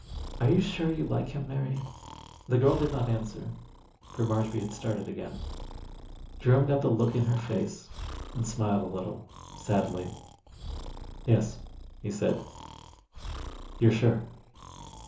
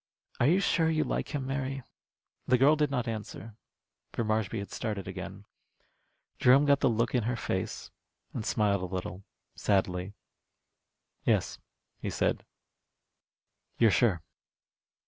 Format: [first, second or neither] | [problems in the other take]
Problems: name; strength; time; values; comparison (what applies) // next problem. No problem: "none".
second | background sound (Breathing); 13 dB below the speech // room echo; dies away in 0.8 s